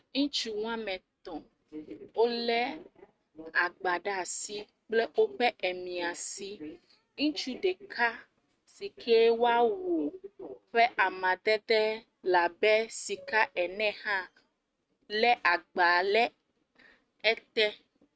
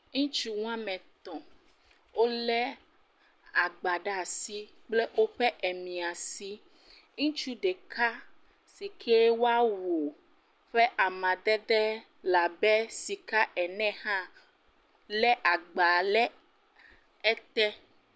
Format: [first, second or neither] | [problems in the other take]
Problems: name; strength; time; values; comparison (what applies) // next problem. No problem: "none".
second | noise reduction (neural mask model RNNoise)